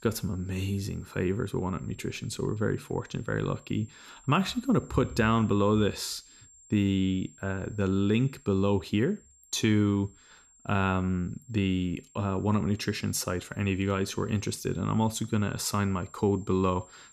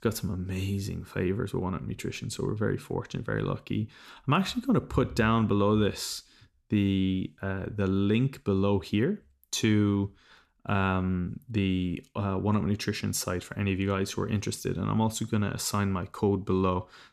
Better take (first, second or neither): second